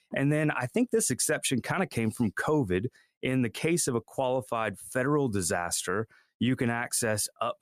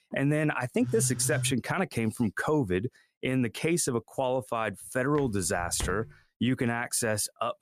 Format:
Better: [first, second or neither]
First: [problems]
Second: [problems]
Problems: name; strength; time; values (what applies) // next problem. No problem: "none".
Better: first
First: none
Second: phone ringing; noticeable; at 1 s; peak 5 dB below the speech // footsteps; noticeable; at 5 s; peak 9 dB below the speech